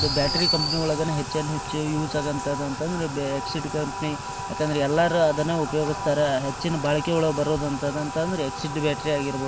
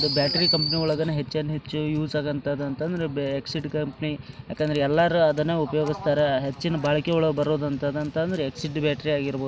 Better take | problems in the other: second | background sound (Bathtub (filling or washing)); 8 dB below the speech

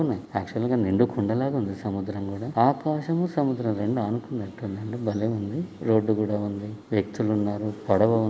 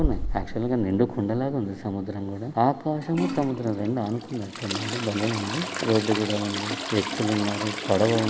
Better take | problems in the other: first | background sound (Trickle, dribble / Toilet flush); 6 dB below the speech

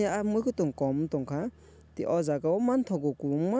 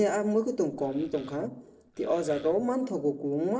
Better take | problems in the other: first | noise reduction (neural separator model SepFormer DNS4)

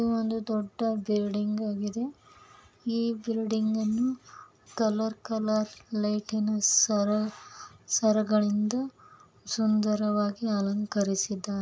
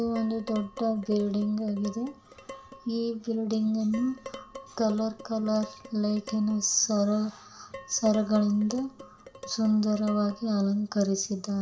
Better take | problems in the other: first | background sound (Dishes, pots, and pans); 19 dB below the speech // room echo; dies away in 0.5 s

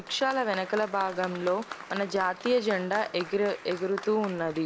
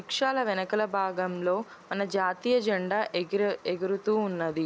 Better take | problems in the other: second | background sound (Applause); 13 dB below the speech

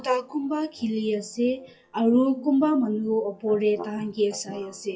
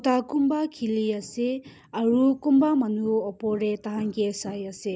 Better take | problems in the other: second | noise reduction (classical method WPE with log-MMSE)

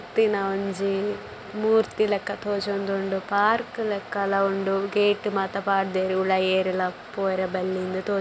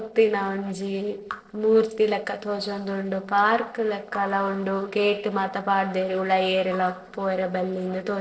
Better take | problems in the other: first | noise reduction (neural separator model SepFormer DNS4)

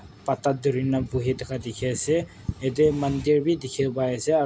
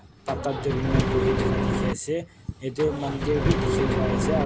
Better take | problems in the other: first | background sound (Engine); 4 dB above the speech

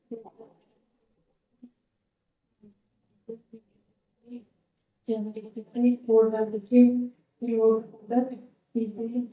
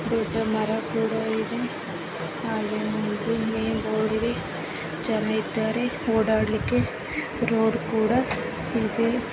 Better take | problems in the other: second | noise reduction (neural mask model DeepFilterNet 3)

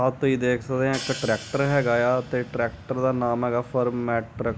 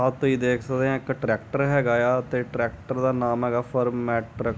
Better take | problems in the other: second | background sound (Hi-hat); 17 dB below the speech

